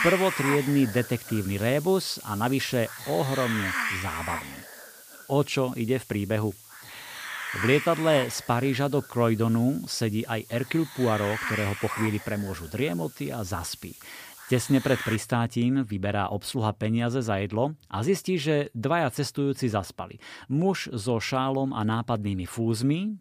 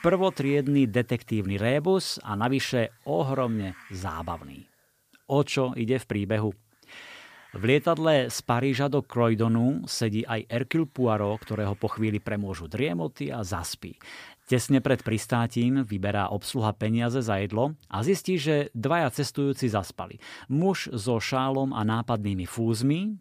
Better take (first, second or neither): second